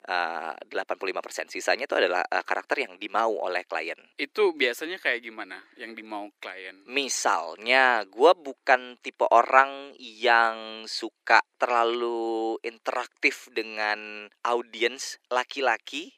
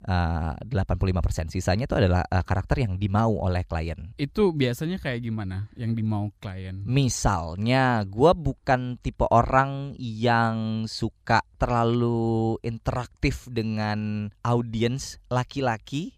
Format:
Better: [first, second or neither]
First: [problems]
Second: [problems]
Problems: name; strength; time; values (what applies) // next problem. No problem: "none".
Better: second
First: thin; very; fading below 350 Hz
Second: none